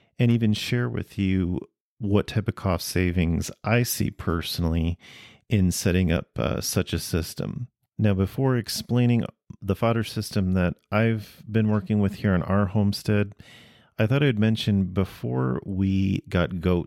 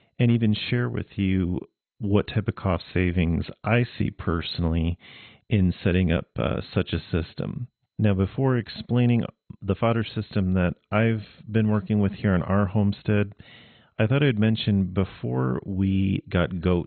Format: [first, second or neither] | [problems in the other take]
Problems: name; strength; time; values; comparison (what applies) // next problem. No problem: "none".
first | garbled, watery; badly; nothing above 4 kHz